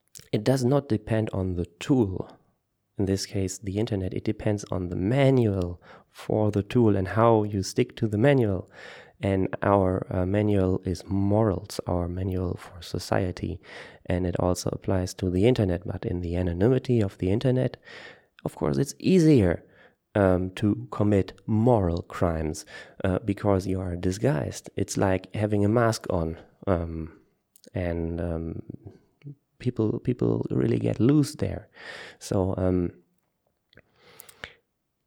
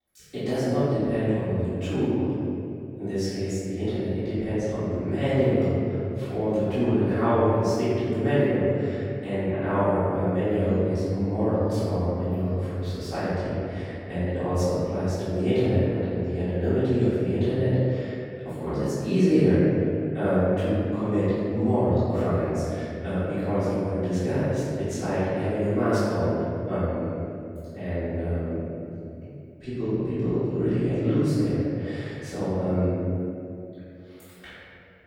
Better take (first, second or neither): first